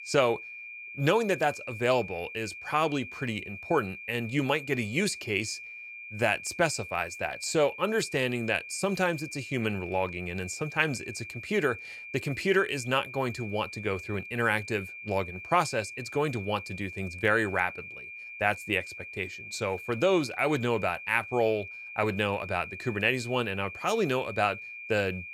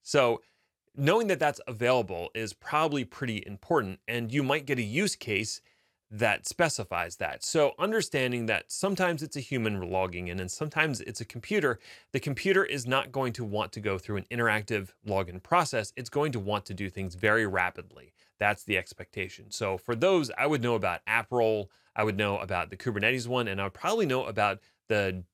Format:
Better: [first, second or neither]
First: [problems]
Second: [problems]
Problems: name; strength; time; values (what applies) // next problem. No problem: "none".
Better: second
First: high-pitched whine; noticeable; throughout; 2.5 kHz, 10 dB below the speech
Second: none